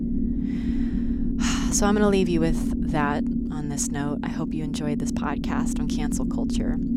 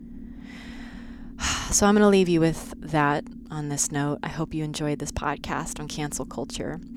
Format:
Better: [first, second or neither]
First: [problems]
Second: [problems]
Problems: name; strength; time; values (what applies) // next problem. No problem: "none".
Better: second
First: low rumble; loud; throughout; 4 dB below the speech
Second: low rumble; faint; throughout; 20 dB below the speech